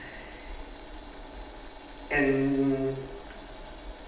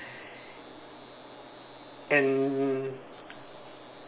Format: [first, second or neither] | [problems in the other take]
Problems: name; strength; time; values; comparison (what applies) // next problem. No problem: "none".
second | background sound (Boiling); 13 dB below the speech // room echo; dies away in 0.8 s